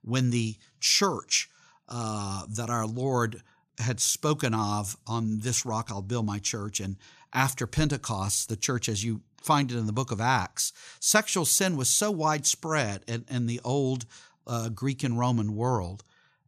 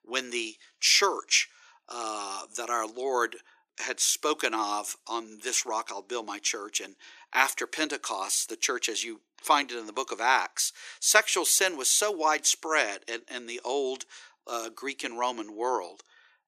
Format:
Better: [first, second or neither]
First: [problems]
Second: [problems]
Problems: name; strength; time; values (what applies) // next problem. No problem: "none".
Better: first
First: none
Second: thin; very; fading below 350 Hz